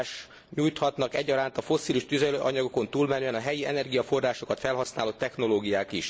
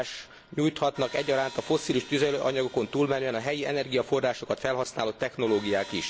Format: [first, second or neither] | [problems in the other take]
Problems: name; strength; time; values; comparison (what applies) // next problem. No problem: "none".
first | background sound (Crash cymbal); 20 dB below the speech